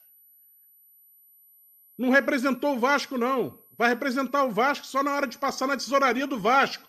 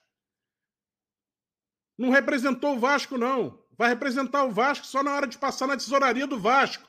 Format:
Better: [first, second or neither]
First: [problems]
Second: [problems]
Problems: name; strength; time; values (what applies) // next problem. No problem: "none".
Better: second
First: high-pitched whine; faint; throughout; 12 kHz, 30 dB below the speech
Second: none